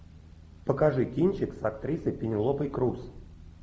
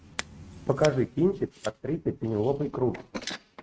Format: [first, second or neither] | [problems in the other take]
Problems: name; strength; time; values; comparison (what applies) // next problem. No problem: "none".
first | noise reduction (neural mask model RNNoise)